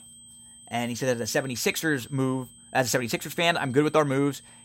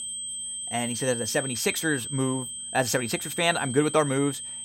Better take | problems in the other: first | high-pitched whine; loud; throughout; 8.5 kHz, 5 dB below the speech; faint in the first

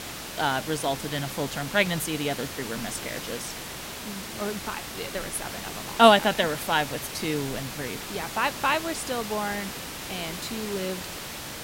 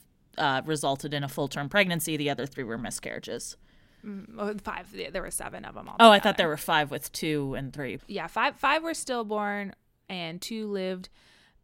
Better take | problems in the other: second | hiss; loud; throughout; 8 dB below the speech

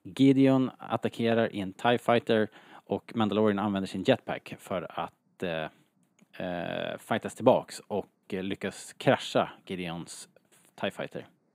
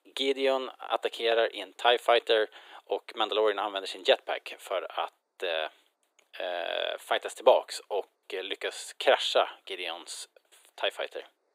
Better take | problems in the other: first | thin; very; fading below 400 Hz

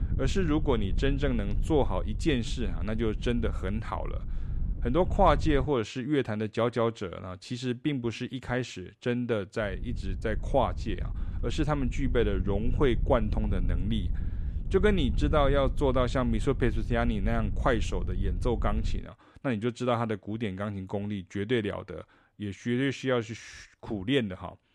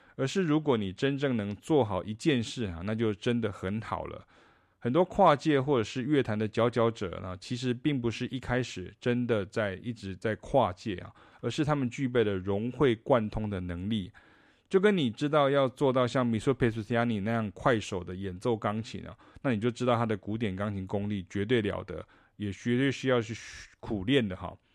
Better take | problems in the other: second | wind noise on the microphone; occasional gusts; until 5.5 s and from 9.5 to 19 s; 20 dB below the speech

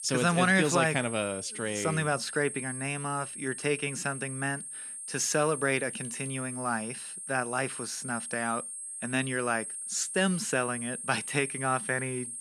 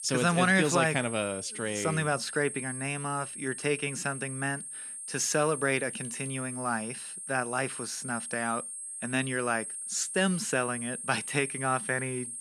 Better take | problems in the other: neither | high-pitched whine; loud; throughout; 8.5 kHz, 7 dB below the speech; the same in both

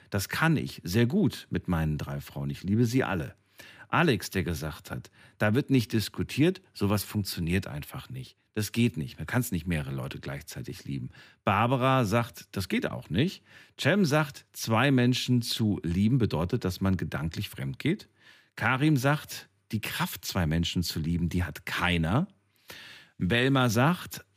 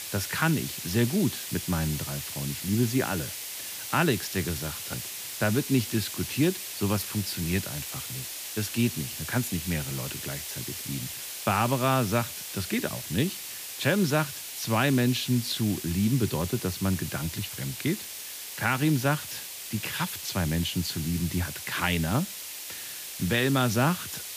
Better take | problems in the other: first | hiss; loud; throughout; 6 dB below the speech

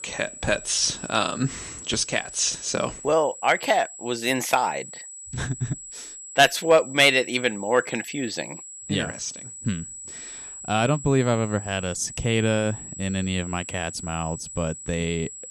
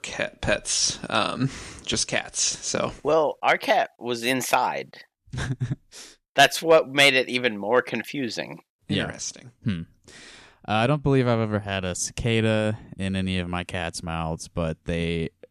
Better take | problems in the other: second | high-pitched whine; noticeable; throughout; 7.5 kHz, 15 dB below the speech

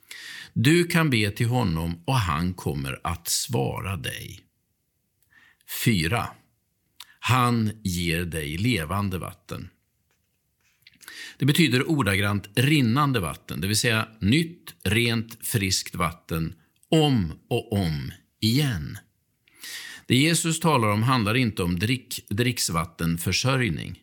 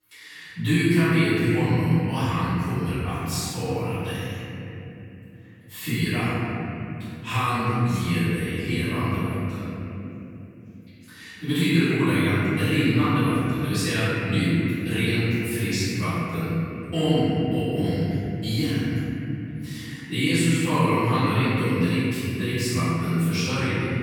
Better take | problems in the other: first | off-mic speech; far // room echo; strong; dies away in 3 s

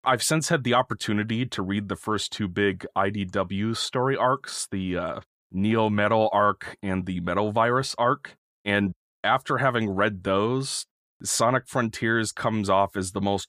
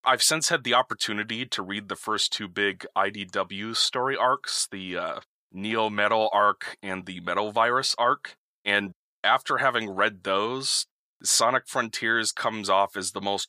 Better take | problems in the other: first | thin; somewhat; fading below 800 Hz

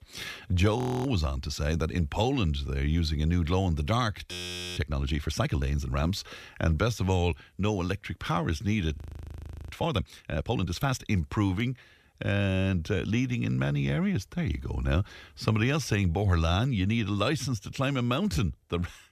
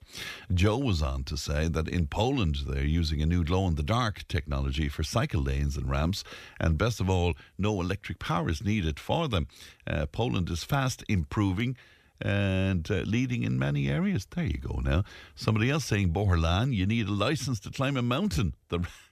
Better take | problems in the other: second | audio freezing; at 1 s, at 4.5 s and at 9 s for 1 s

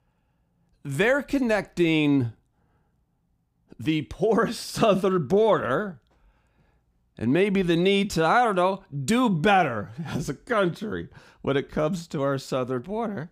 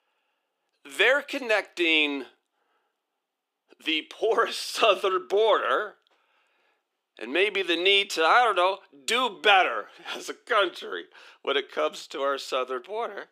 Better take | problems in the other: first | thin; very; fading below 350 Hz

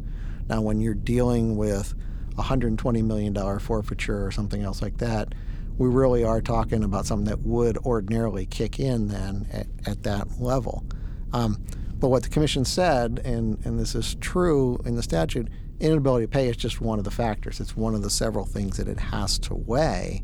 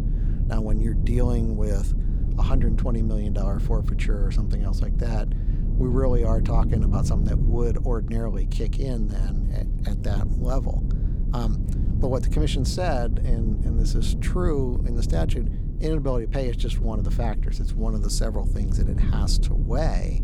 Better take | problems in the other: first | low rumble; loud; throughout; 7 dB below the speech; faint in the first

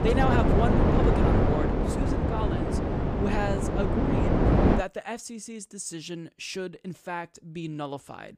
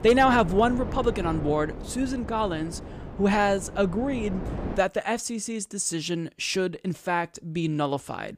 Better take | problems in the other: second | wind noise on the microphone; heavy; until 5 s; 5 dB above the speech; occasional gusts in the second

